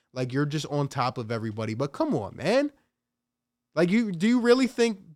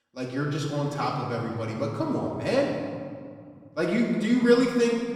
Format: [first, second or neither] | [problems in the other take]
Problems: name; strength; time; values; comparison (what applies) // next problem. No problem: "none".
first | off-mic speech; far // room echo; noticeable; dies away in 1.7 s